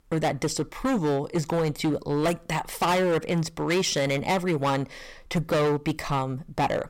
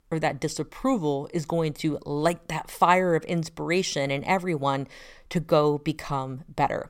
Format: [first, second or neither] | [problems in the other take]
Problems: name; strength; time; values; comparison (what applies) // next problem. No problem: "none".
second | distortion; heavy; 14% of the sound clipped